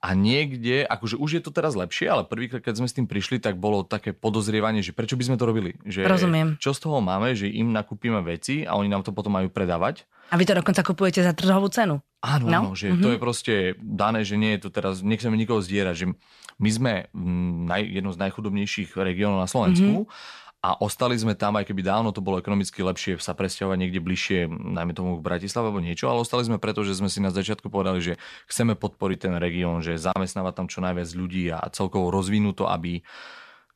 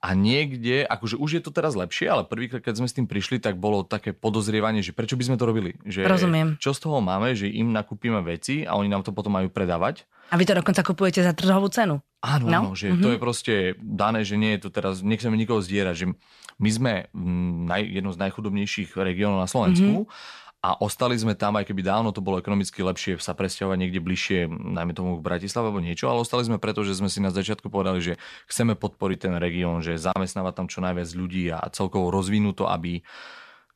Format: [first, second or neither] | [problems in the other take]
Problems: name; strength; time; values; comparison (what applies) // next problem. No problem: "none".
neither | none